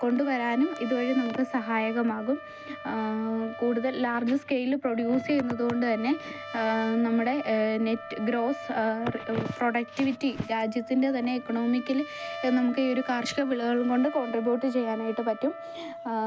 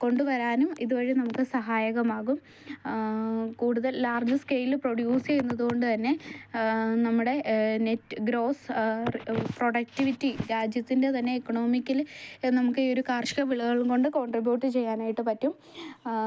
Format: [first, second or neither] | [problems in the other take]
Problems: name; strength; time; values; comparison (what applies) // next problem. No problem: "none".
second | background sound (Wind instrument, woodwind instrument + Trumpet); 13 dB below the speech